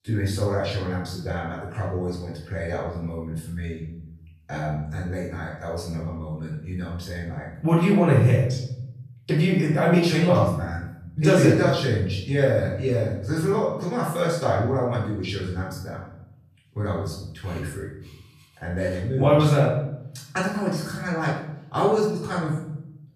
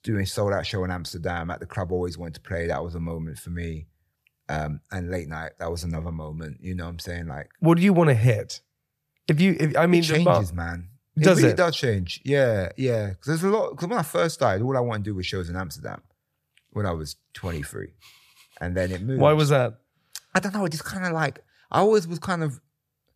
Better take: second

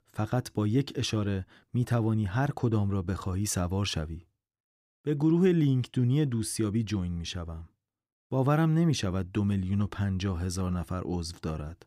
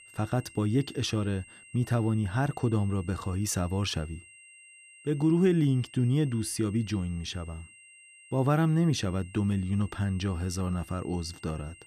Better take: first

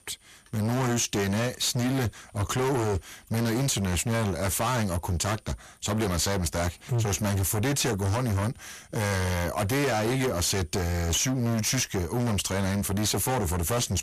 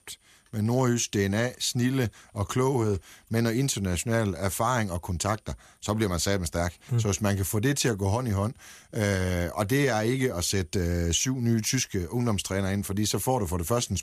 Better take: second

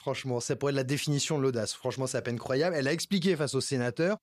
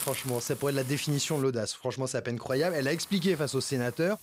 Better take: first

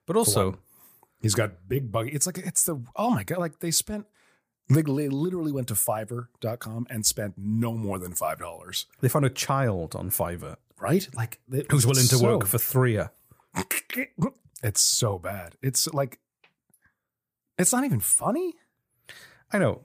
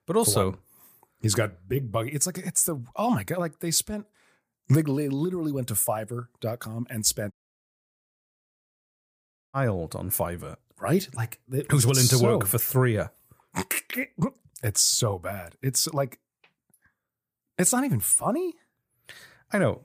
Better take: first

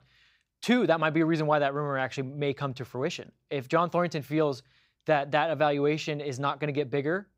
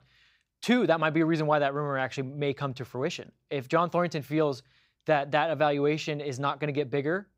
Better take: neither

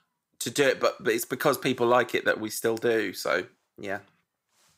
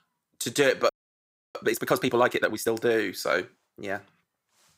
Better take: first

